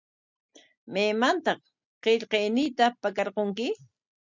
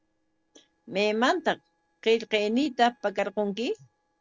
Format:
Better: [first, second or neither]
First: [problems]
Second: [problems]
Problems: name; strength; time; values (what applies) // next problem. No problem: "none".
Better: first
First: none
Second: noise reduction (neural separator model SepFormer DNS4)